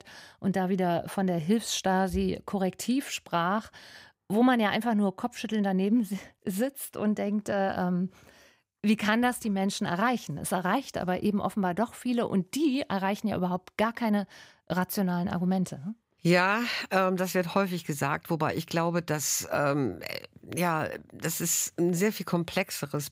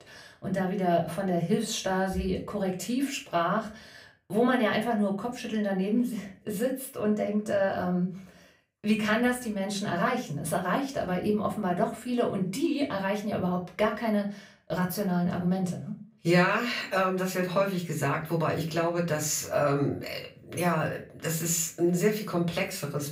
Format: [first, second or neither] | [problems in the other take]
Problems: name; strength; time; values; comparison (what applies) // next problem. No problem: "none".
first | off-mic speech; far // room echo; very slight; dies away in 0.3 s